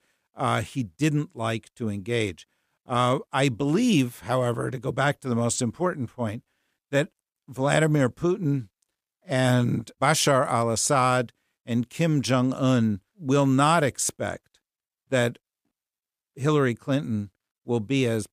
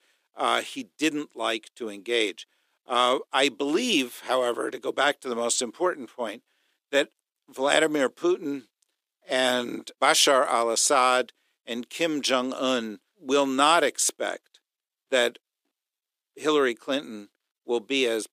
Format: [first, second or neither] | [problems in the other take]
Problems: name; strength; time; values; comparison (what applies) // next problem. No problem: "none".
first | thin; somewhat; fading below 350 Hz